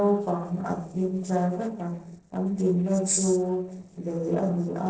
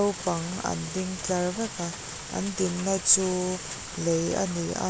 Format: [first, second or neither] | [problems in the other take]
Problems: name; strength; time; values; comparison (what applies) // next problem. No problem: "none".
second | noise reduction (neural separator model SepFormer DNS4)